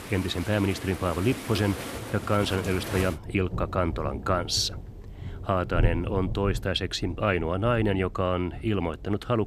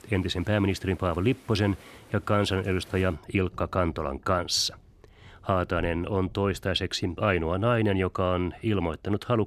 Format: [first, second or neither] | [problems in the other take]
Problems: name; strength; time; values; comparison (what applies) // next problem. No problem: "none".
second | rain or running water; loud; throughout; 8 dB below the speech; faint in the second